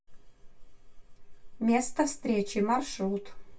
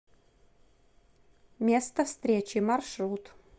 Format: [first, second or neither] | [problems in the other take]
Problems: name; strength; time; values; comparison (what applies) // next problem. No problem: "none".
second | room echo; dies away in 0.1 s